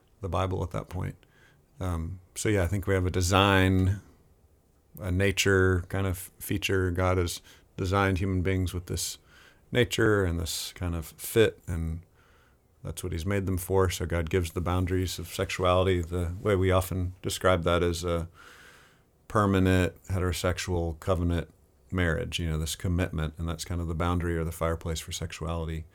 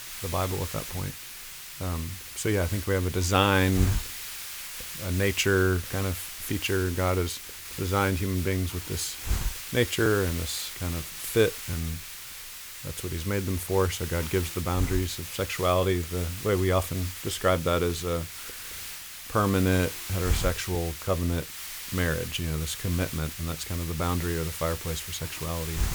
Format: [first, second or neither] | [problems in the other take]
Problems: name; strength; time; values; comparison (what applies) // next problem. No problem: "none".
first | hiss; loud; throughout; 7 dB below the speech